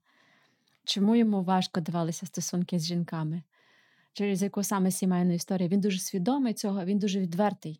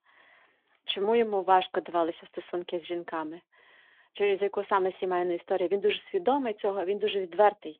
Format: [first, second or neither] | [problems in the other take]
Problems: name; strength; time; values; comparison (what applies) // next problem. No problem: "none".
first | phone-call audio; nothing above 3.5 kHz